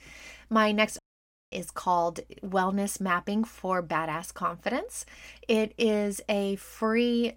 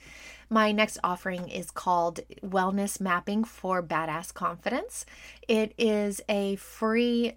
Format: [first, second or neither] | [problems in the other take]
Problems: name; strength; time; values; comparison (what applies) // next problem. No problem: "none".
second | audio cutting out; at 1 s for 0.5 s